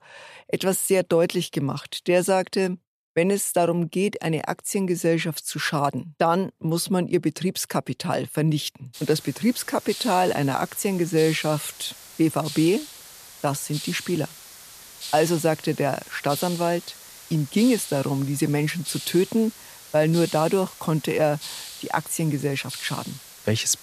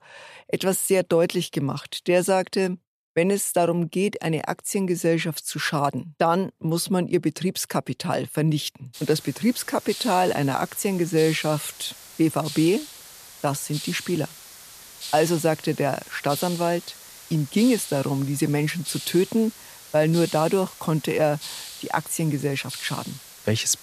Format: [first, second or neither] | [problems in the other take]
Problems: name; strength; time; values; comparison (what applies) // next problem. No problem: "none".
neither | hiss; noticeable; from 9 s on; 15 dB below the speech; the same in both